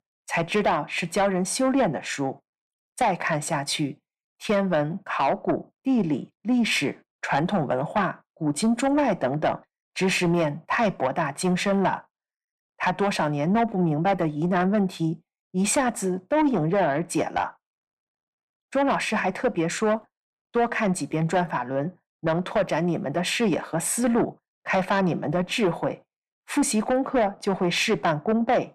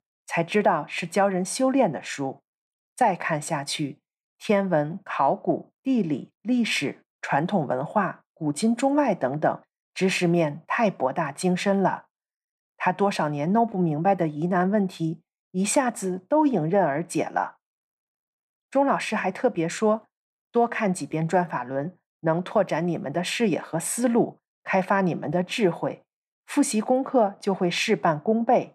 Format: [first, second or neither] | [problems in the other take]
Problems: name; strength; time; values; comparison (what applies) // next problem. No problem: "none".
second | distortion; slight; 10 dB below the speech